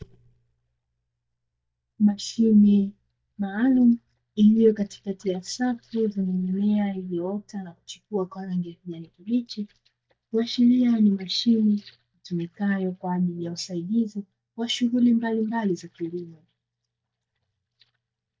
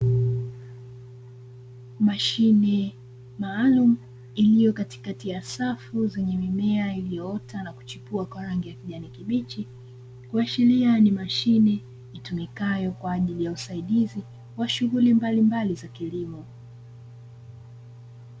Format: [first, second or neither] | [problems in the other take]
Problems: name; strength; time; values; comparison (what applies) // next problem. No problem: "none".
second | noise reduction (neural mask model DeepFilterNet 3)